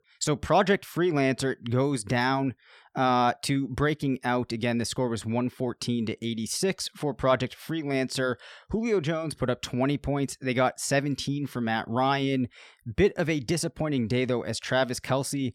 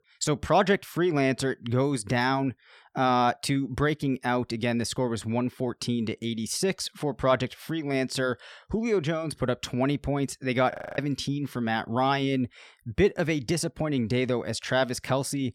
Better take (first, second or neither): first